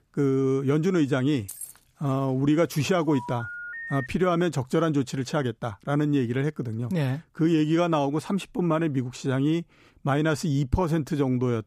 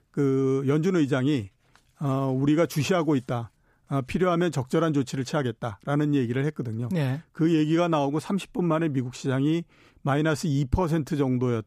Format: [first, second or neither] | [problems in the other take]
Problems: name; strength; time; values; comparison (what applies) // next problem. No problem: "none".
second | jangling keys; faint; at 1.5 s; peak 10 dB below the speech // phone ringing; noticeable; from 3 to 4 s; peak 9 dB below the speech